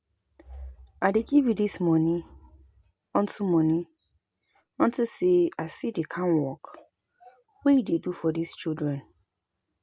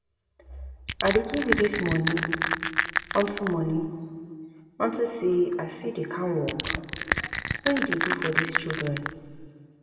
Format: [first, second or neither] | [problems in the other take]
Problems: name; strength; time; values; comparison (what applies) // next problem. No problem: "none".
first | background sound (Crushing); 1 dB below the speech // room echo; dies away in 1.8 s